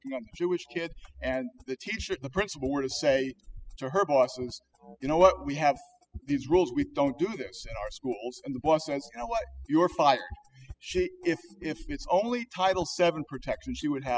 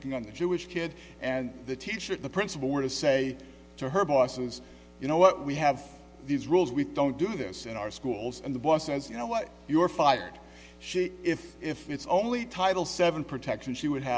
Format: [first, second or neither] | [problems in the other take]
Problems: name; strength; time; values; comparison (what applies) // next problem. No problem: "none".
second | noise reduction (classical method spectral subtraction)